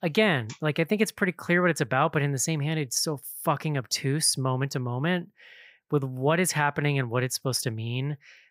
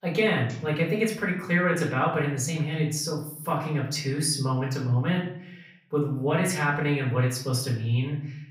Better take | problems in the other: first | off-mic speech; far // room echo; slight; dies away in 0.6 s

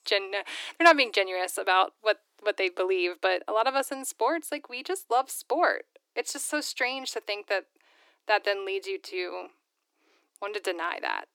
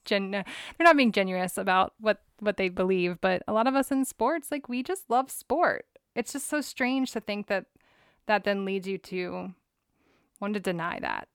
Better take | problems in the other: second | thin; somewhat; fading below 300 Hz

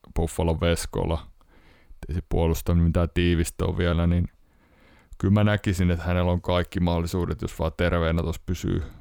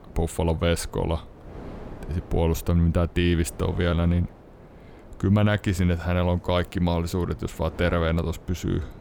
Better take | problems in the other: first | wind noise on the microphone; occasional gusts; 20 dB below the speech

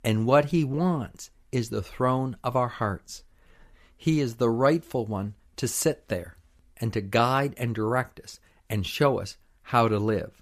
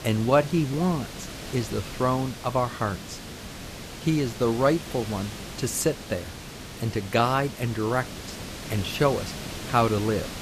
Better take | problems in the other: first | hiss; noticeable; throughout; 10 dB below the speech

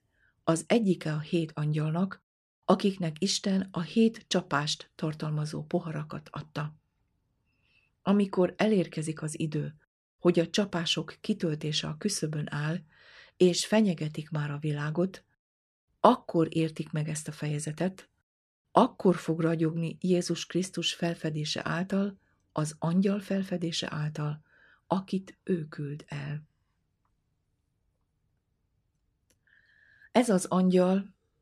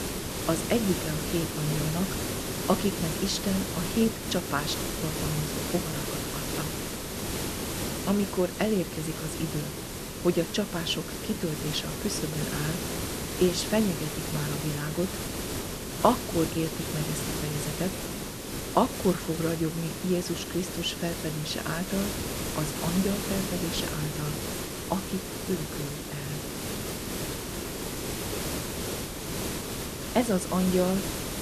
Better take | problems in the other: first | hiss; loud; throughout; 2 dB below the speech

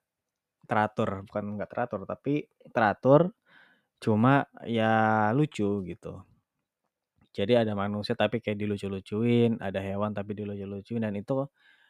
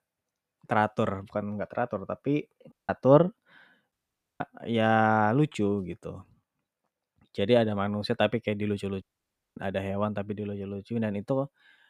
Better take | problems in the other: first | audio cutting out; at 2.5 s, at 4 s and at 9 s for 0.5 s

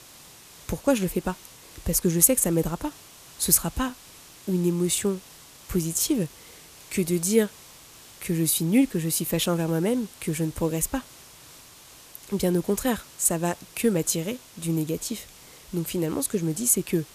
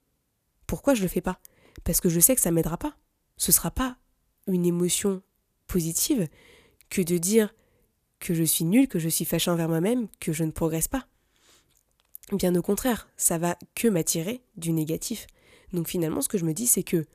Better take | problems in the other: second | hiss; faint; throughout; 20 dB below the speech

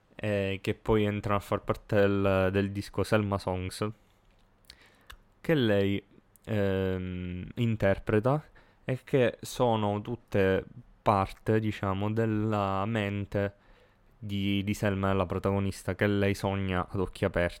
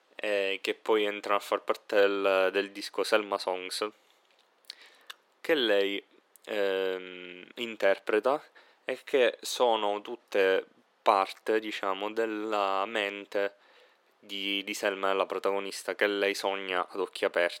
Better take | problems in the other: first | thin; very; fading below 350 Hz

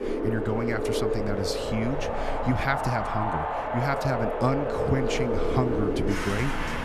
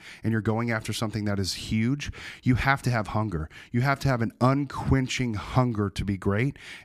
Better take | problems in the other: second | wind in the background; very loud; throughout; 1 dB above the speech

